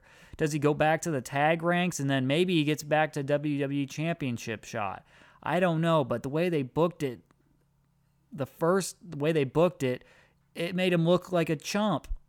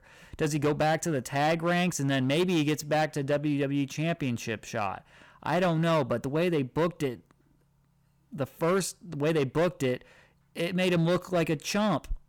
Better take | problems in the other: first | distortion; slight; 9% of the sound clipped

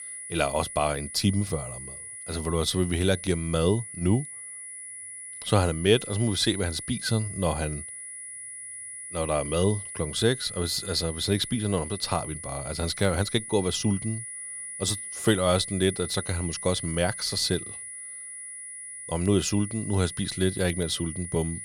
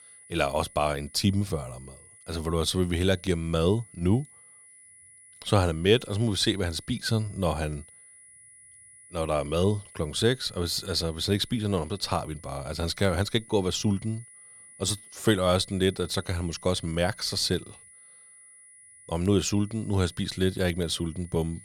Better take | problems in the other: second | high-pitched whine; loud; throughout; 10 kHz, 9 dB below the speech; faint in the second

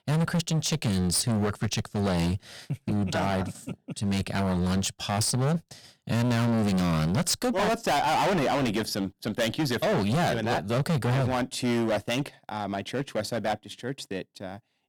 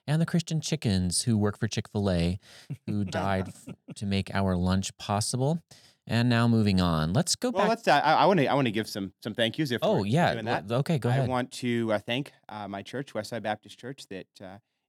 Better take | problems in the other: second | distortion; heavy; 23% of the sound clipped

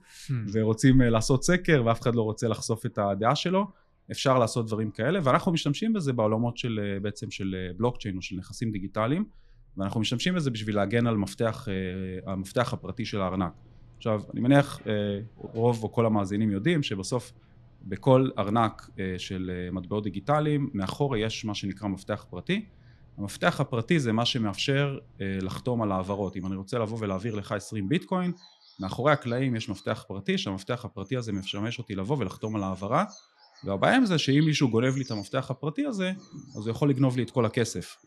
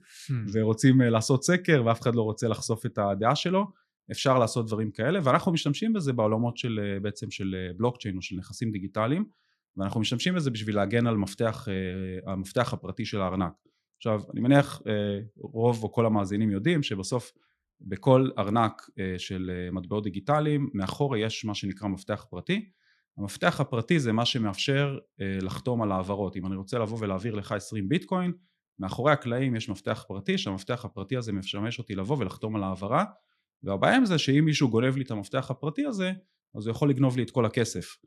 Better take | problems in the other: second | animal sounds; faint; throughout; 25 dB below the speech

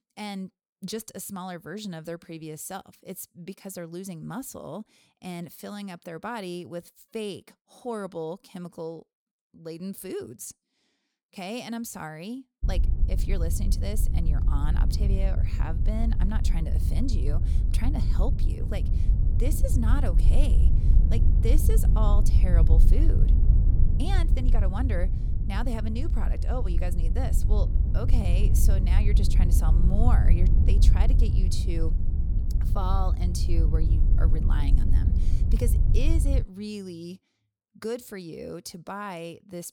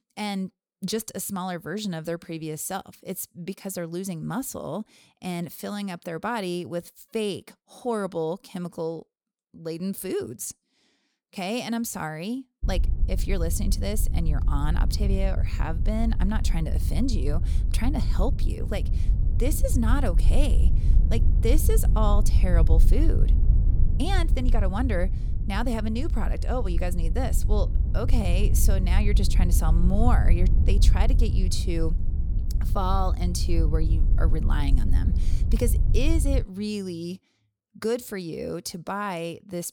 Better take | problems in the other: second | wind noise on the microphone; heavy; from 13 to 36 s; 5 dB below the speech; occasional gusts in the second

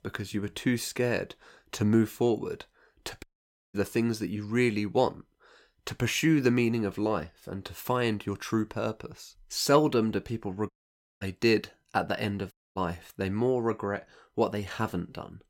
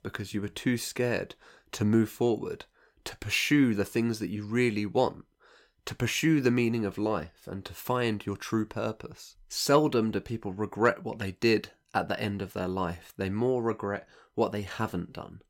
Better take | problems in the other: second | audio cutting out; at 3 s for 0.5 s, at 11 s for 0.5 s and at 13 s

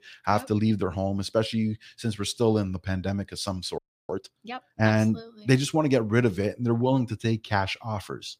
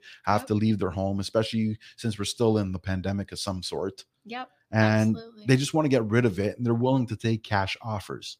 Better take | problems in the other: second | audio freezing; at 4 s

